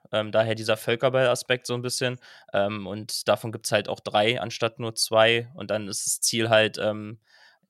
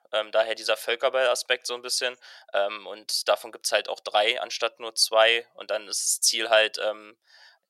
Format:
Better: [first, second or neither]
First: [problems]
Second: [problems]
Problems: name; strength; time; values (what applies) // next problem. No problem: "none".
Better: first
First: none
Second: thin; very; fading below 500 Hz